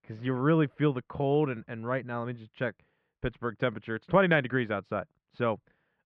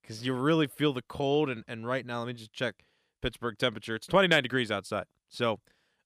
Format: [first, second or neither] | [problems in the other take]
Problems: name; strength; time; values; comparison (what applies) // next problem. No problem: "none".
second | muffled; very; fading above 2 kHz